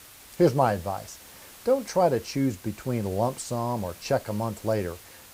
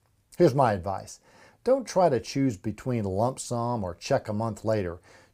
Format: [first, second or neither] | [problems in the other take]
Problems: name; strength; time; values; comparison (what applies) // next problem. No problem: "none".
second | hiss; noticeable; throughout; 20 dB below the speech